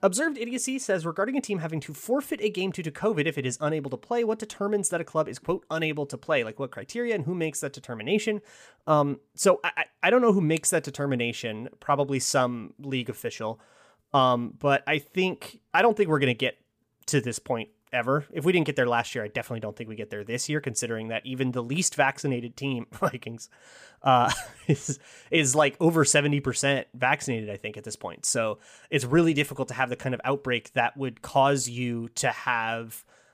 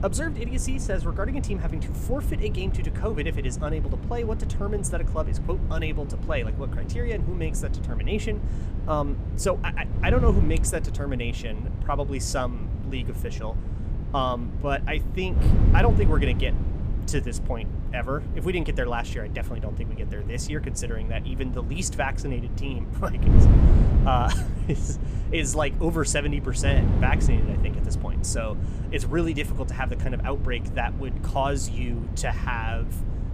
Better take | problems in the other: first | wind noise on the microphone; heavy; 9 dB below the speech

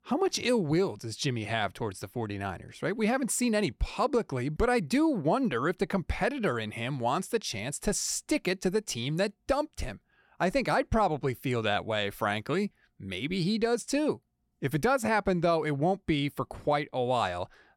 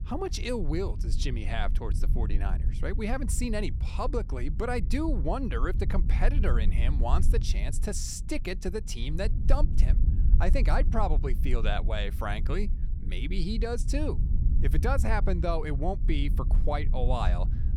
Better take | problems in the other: first | low rumble; noticeable; throughout; 15 dB below the speech

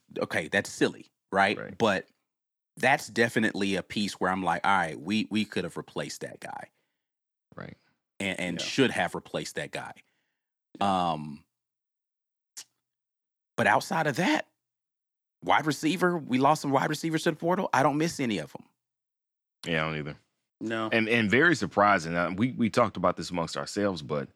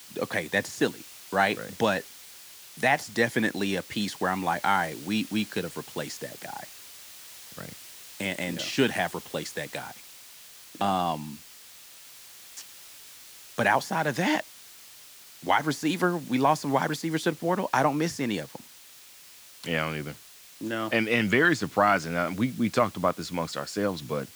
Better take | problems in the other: first | hiss; noticeable; throughout; 20 dB below the speech

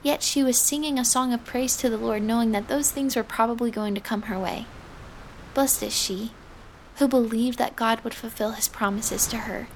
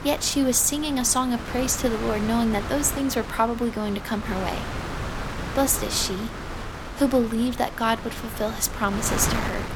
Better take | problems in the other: first | wind noise on the microphone; heavy; 8 dB below the speech; occasional gusts in the first

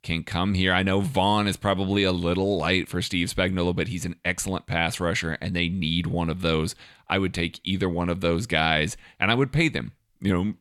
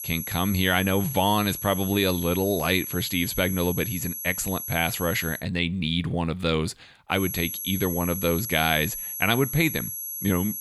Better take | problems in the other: first | high-pitched whine; loud; until 5.5 s and from 7 s on; 11.5 kHz, 6 dB below the speech

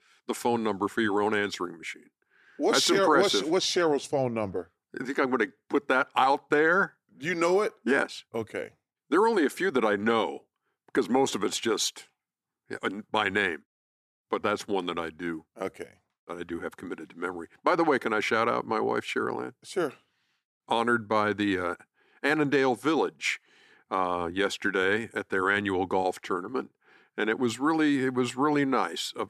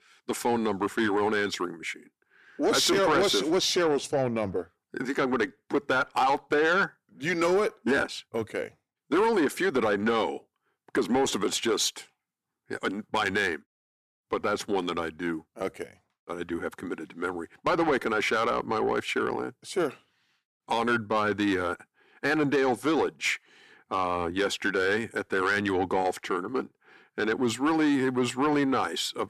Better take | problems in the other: first | distortion; slight; 10 dB below the speech

